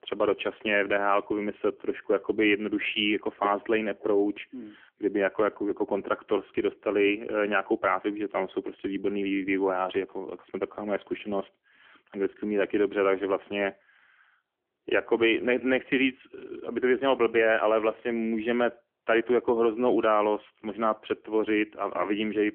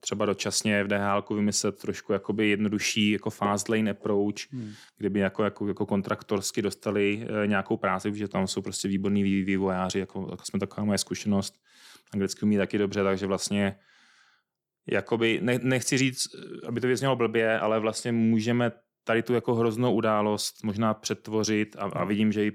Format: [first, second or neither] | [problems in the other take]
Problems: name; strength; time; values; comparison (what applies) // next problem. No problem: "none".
second | phone-call audio; nothing above 3 kHz